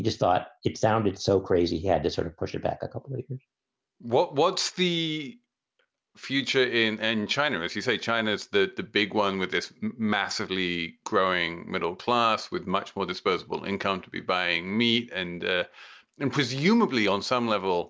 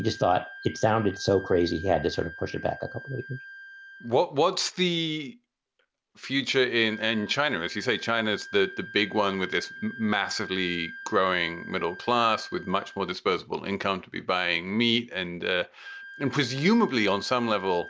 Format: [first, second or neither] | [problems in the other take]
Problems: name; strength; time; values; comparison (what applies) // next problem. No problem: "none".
first | background sound (Wind instrument, woodwind instrument); 17 dB below the speech